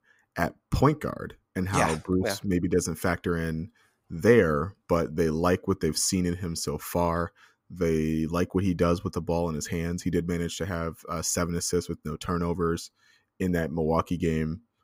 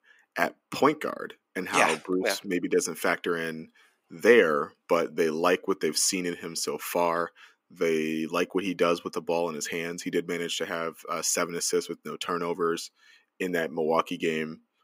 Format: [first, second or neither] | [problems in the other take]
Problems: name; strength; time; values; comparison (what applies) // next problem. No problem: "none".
first | thin; somewhat; fading below 300 Hz